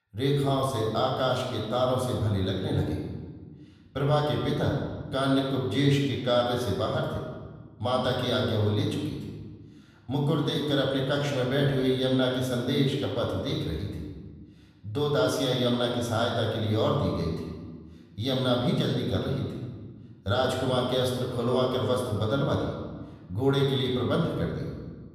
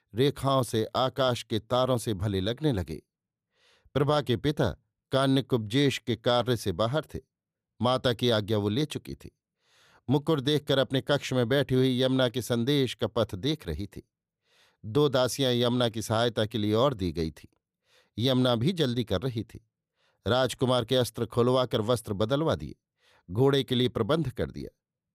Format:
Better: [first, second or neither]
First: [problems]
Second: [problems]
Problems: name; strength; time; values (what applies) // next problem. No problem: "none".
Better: second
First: off-mic speech; far // room echo; noticeable; dies away in 1.3 s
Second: none